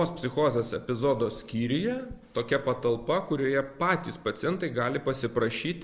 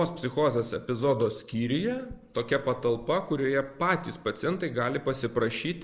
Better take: first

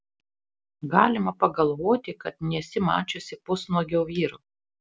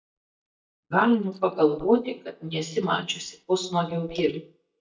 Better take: first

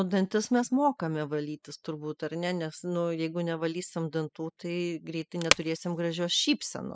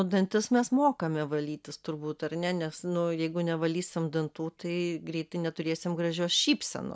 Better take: second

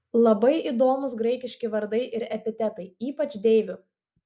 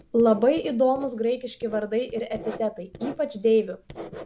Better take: first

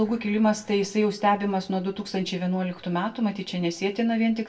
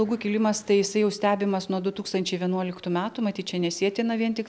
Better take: second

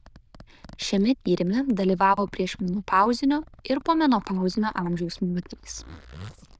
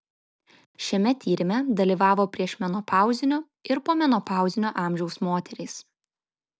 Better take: second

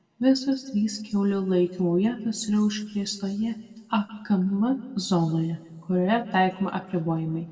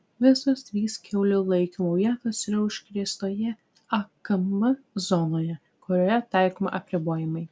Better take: second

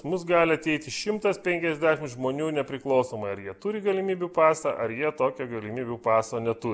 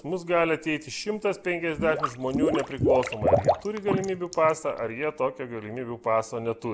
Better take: first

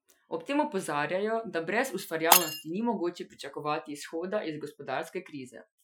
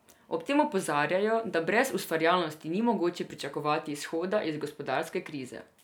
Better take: second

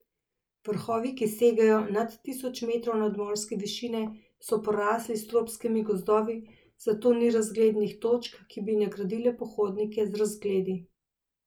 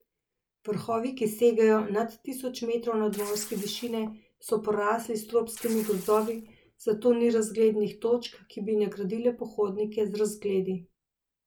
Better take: first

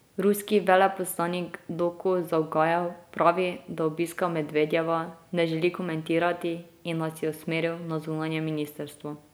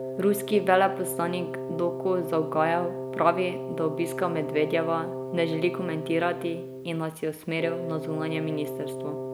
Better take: first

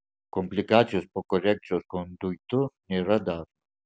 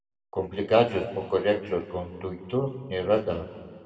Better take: first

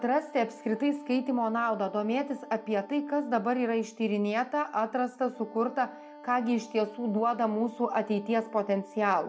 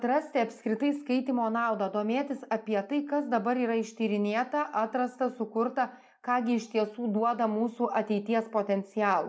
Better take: second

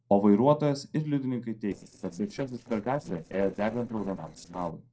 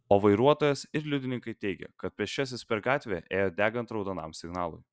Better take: second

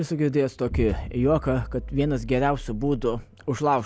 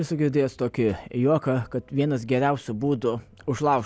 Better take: second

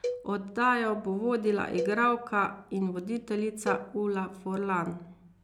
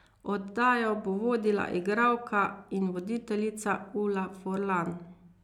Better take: second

